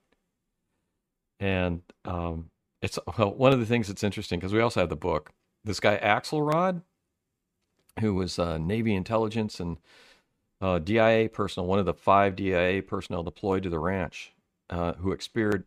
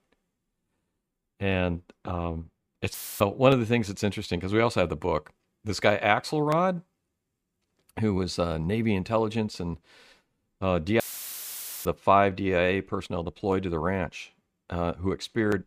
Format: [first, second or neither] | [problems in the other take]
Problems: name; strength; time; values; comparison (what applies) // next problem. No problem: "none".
first | audio cutting out; filled with static; at 3 s and at 11 s for 1 s